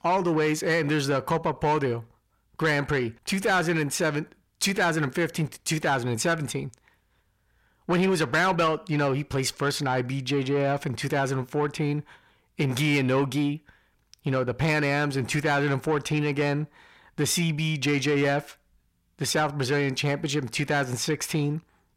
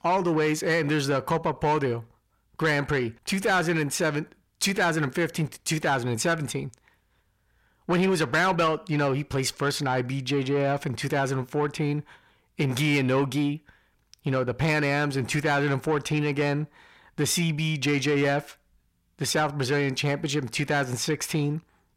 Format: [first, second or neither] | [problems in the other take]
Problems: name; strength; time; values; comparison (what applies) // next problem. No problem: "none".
neither | distortion; slight; 10 dB below the speech; the same in both